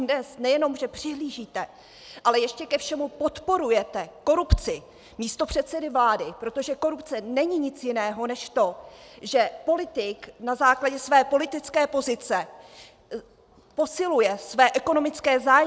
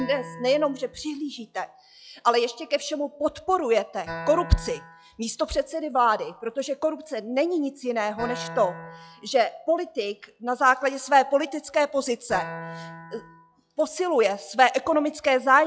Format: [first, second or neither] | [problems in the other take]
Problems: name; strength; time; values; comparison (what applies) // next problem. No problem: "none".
first | noise reduction (classical method log-MMSE)